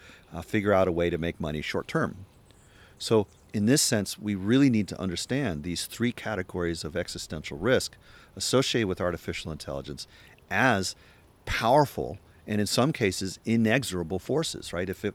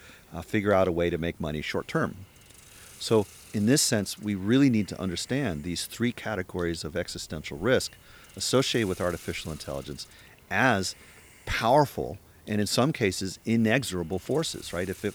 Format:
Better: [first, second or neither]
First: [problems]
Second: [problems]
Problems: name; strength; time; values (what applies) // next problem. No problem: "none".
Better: first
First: none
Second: hiss; faint; throughout; 25 dB below the speech